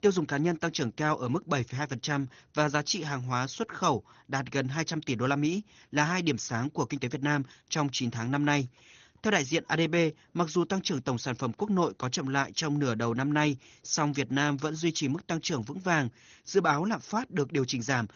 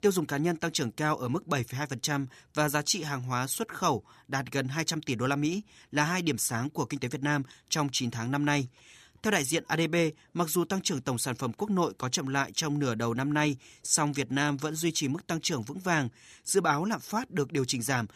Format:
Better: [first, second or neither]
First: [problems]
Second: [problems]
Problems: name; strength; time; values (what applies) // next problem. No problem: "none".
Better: second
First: garbled, watery; slightly; nothing above 6.5 kHz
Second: none